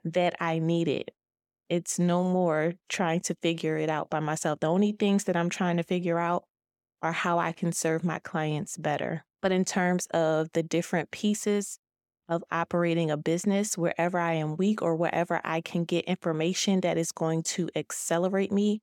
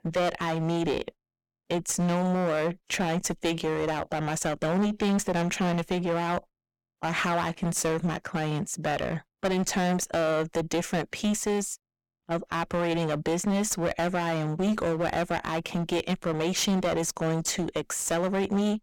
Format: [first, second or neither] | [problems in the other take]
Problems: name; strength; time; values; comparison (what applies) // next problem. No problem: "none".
first | distortion; heavy; 15% of the sound clipped